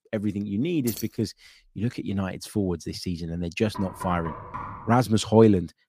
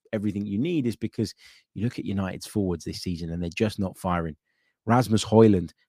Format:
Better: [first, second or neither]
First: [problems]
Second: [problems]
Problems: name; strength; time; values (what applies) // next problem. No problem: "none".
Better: second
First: jangling keys; faint; at 1 s; peak 10 dB below the speech // door banging; faint; from 3.5 to 5 s; peak 10 dB below the speech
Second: none